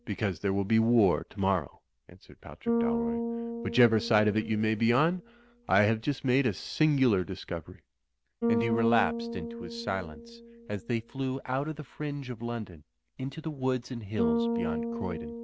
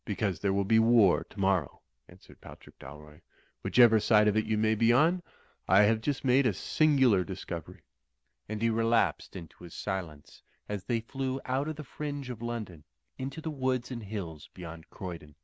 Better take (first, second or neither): second